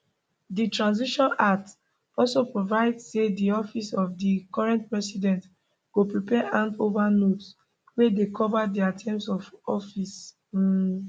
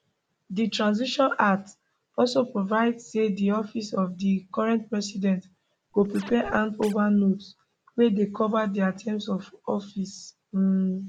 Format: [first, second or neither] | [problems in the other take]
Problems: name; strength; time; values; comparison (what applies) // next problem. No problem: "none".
first | background sound (Scratching (performance technique)); 18 dB below the speech